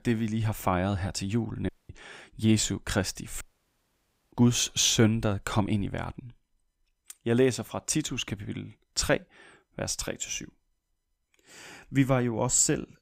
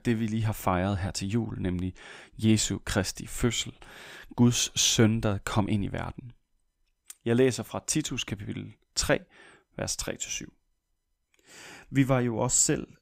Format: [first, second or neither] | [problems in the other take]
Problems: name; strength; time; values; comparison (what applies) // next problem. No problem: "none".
second | audio cutting out; at 1.5 s and at 3.5 s for 1 s